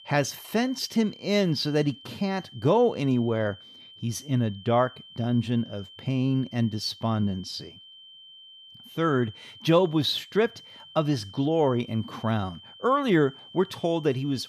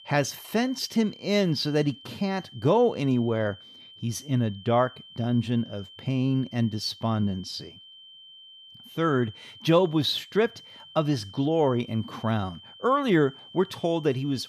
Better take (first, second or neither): neither